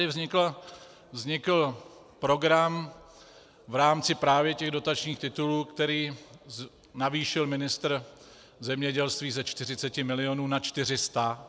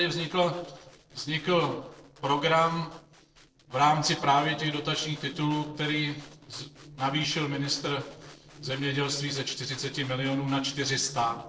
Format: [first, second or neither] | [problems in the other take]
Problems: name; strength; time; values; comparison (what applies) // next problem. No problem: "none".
first | noise reduction (neural separator model SepFormer DNS4)